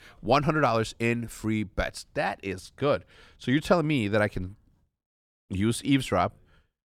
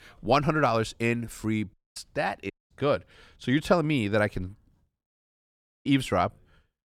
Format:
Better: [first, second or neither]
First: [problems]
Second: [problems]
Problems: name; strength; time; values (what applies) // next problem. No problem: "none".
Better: first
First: none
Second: audio cutting out; at 1.5 s, at 2.5 s and at 5.5 s for 0.5 s